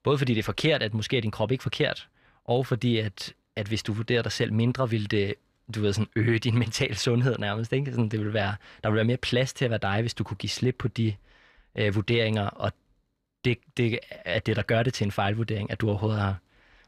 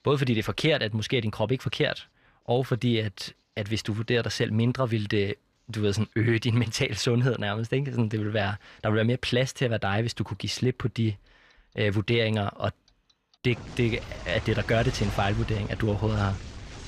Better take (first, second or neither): first